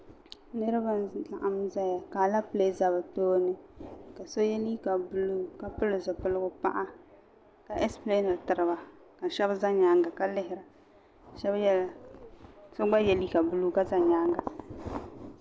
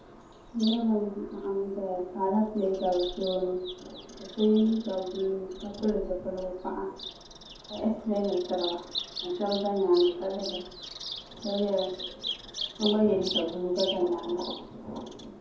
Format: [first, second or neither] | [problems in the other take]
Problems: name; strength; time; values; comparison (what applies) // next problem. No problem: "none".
first | background sound (Bird vocalization, bird call, bird song); 11 dB below the speech // room echo; dies away in 0.6 s